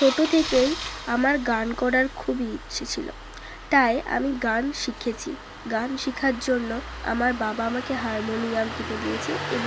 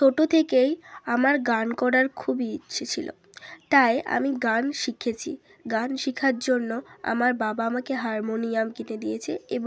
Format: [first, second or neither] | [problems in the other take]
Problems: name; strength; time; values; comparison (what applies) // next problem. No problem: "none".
second | background sound (Engine starting); 10 dB below the speech